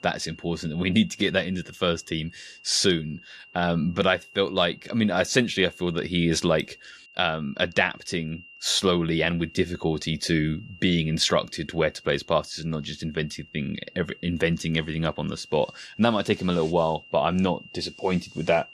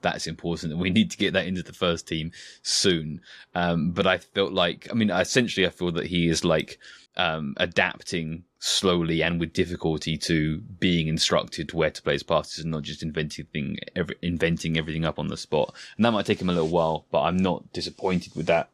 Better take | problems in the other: second | high-pitched whine; faint; throughout; 3 kHz, 20 dB below the speech

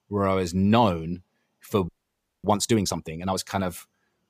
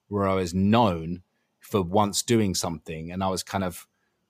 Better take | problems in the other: second | audio freezing; at 2 s for 0.5 s

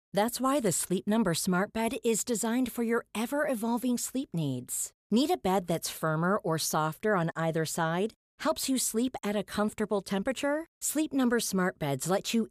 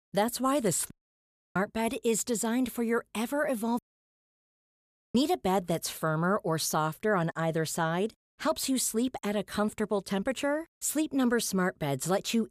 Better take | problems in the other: first | audio cutting out; at 1 s for 0.5 s and at 4 s for 1.5 s

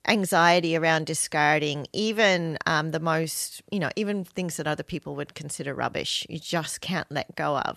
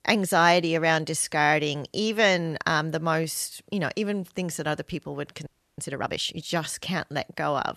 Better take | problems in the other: first | audio freezing; at 5.5 s

